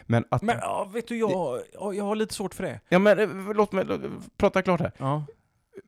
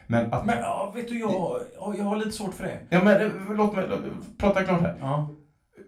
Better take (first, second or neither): first